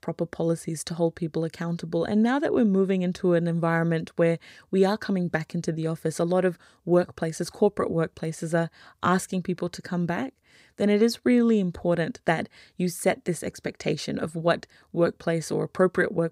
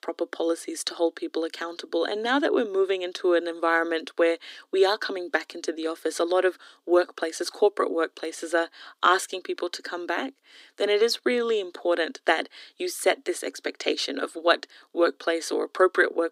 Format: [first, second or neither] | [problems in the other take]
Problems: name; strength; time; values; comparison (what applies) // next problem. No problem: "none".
first | thin; very; fading below 250 Hz